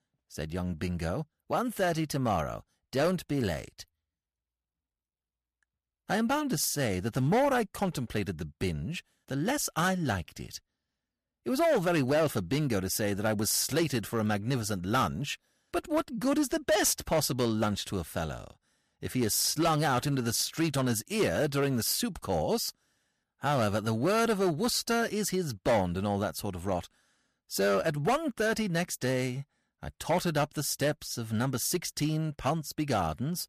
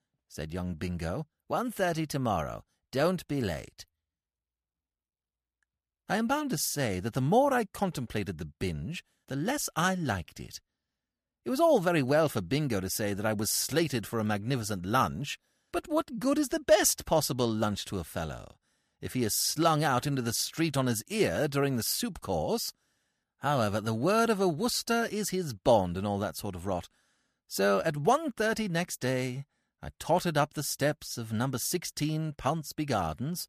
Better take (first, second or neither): second